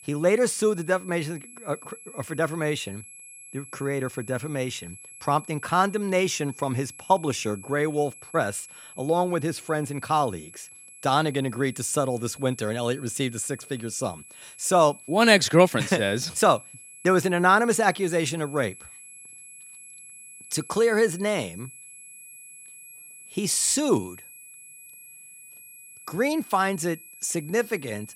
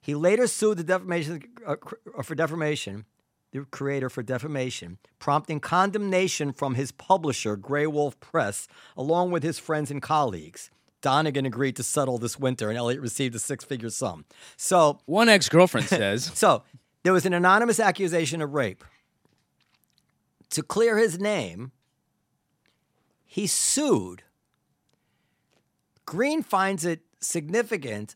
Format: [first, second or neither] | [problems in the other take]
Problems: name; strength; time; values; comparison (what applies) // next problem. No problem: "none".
second | high-pitched whine; noticeable; throughout; 11 kHz, 20 dB below the speech